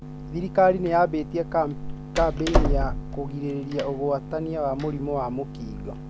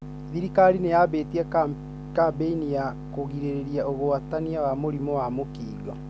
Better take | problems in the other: second | background sound (Door); 4 dB below the speech

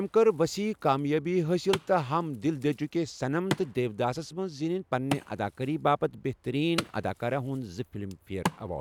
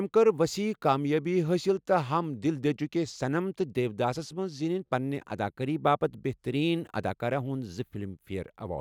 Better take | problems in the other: second | background sound (Wood); 12 dB below the speech

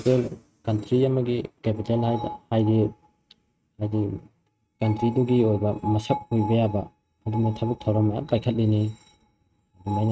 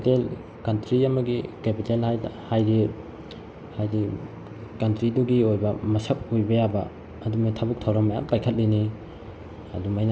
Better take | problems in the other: second | noise reduction (neural mask model RNNoise)

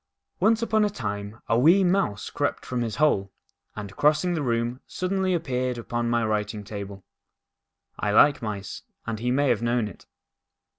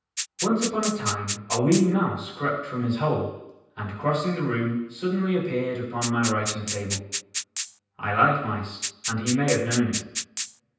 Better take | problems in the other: first | background sound (Rattle (instrument)); 6 dB below the speech // room echo; dies away in 0.9 s

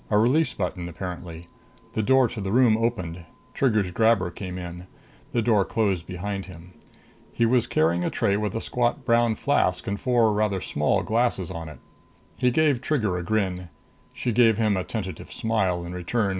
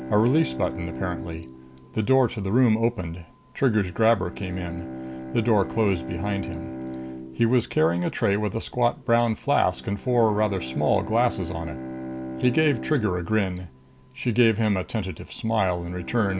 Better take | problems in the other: first | background sound (Bowed string instrument); 12 dB below the speech

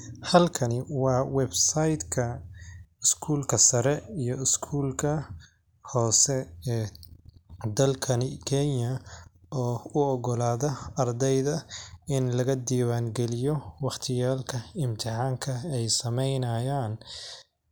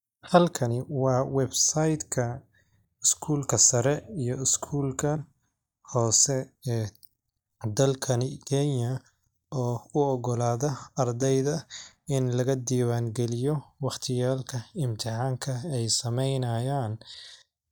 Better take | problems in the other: first | noise reduction (neural mask model DeepFilterNet 3)

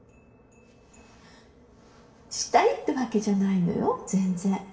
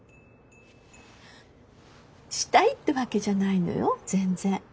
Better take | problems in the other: second | room echo; dies away in 0.7 s

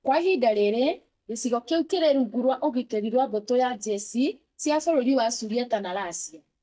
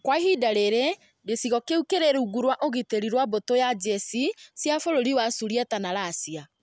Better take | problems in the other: second | noise reduction (neural mask model DeepFilterNet 3)

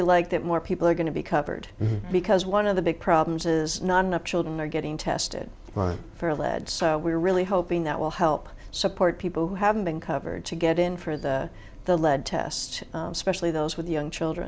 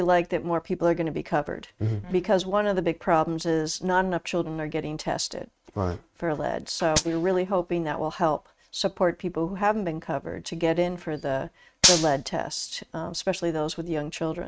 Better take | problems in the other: first | noise reduction (neural mask model RNNoise)

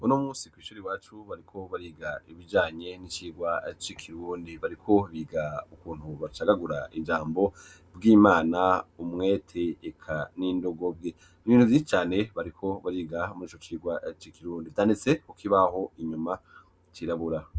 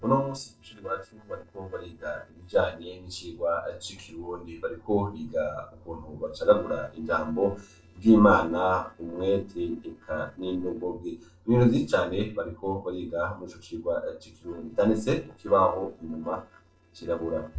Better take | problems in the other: first | noise reduction (neural separator model SepFormer DNS4)

